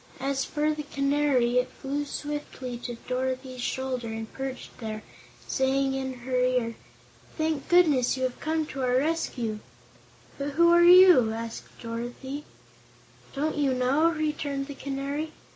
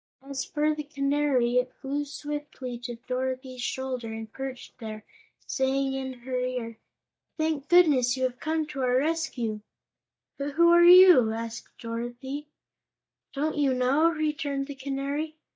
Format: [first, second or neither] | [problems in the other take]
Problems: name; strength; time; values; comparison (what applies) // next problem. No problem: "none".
first | noise reduction (neural mask model DeepFilterNet 3)